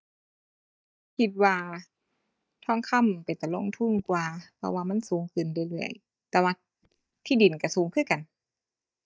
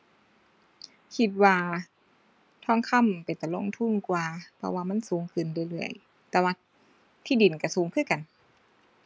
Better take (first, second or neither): second